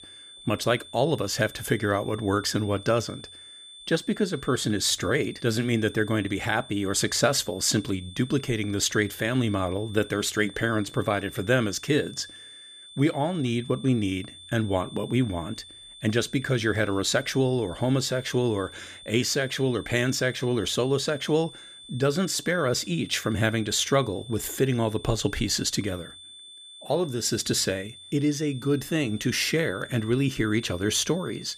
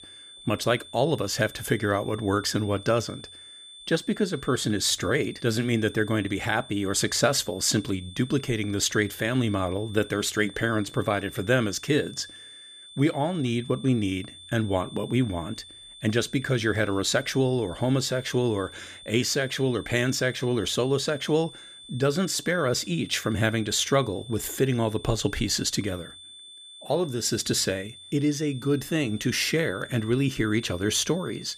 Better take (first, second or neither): neither